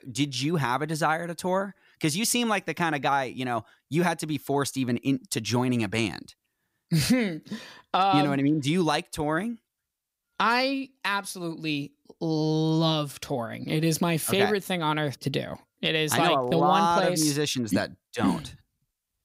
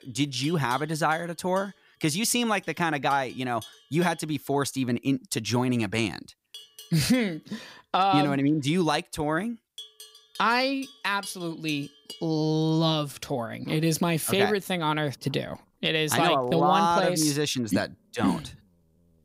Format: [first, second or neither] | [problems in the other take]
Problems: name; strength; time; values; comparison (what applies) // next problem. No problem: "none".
first | animal sounds; faint; throughout; 20 dB below the speech